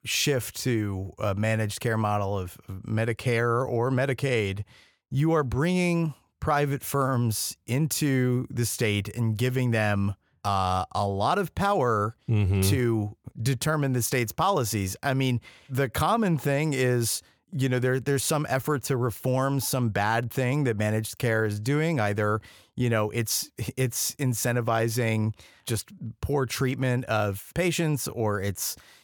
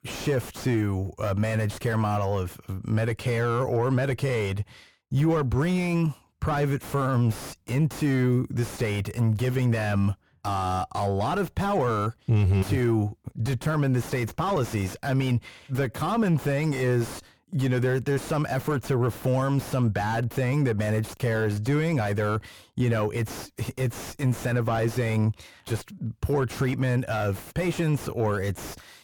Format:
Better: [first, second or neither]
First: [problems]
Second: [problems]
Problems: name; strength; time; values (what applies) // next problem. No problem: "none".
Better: first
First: none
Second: distortion; heavy; 7 dB below the speech